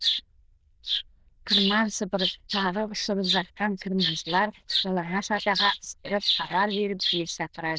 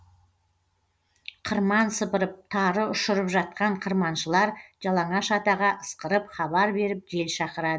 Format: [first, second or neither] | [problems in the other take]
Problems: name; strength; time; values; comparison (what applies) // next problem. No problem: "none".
second | noise reduction (neural diffusion model UNIVERSE++)